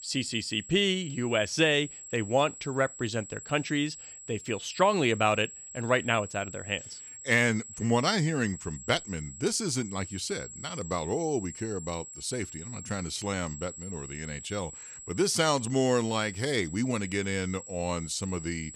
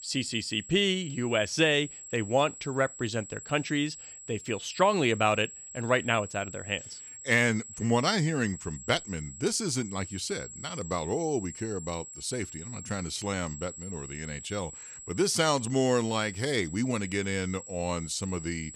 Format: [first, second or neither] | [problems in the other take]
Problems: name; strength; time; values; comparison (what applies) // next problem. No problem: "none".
neither | high-pitched whine; noticeable; throughout; 7.5 kHz, 15 dB below the speech; the same in both